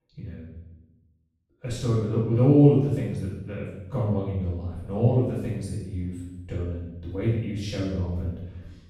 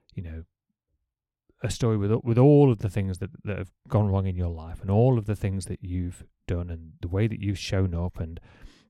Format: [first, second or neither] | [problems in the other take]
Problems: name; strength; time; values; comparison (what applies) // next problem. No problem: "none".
second | off-mic speech; far // room echo; strong; dies away in 0.9 s